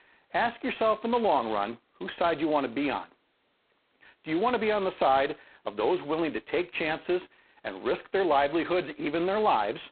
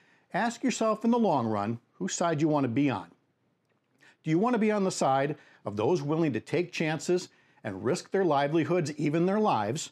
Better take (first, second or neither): second